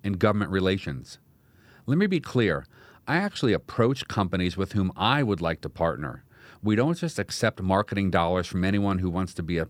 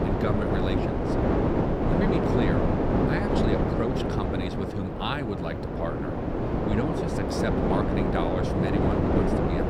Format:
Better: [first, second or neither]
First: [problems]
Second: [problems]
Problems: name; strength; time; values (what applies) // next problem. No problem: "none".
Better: first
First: none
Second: wind noise on the microphone; heavy; 5 dB above the speech